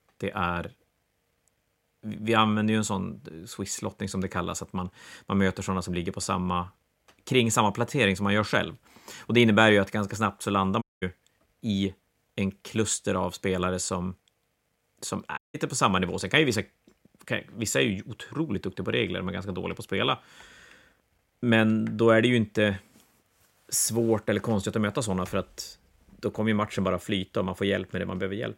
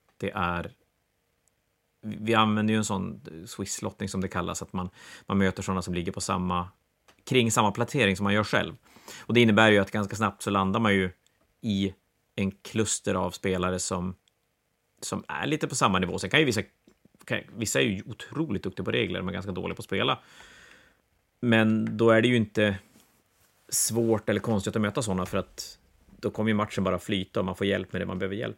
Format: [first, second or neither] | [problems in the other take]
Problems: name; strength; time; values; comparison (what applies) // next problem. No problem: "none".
second | audio cutting out; at 11 s and at 15 s